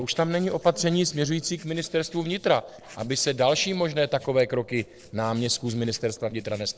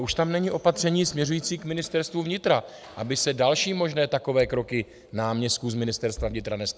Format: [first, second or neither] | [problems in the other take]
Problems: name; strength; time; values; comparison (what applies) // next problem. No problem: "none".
second | noise reduction (neural separator model SepFormer DNS4)